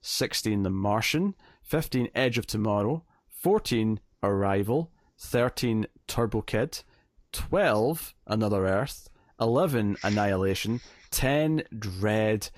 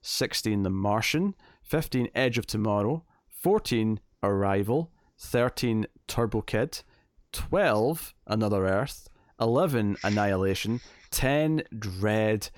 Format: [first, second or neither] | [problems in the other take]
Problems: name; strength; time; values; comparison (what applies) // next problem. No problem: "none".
second | garbled, watery; slightly; nothing above 14.5 kHz